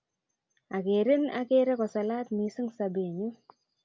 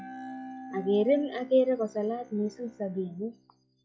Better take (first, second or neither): first